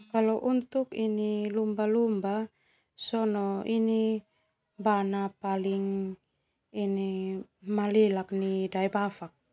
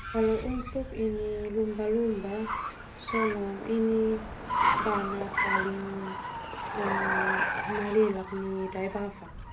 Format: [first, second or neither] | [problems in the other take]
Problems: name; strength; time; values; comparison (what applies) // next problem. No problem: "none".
first | background sound (Car); 2 dB below the speech // room echo; dies away in 0.3 s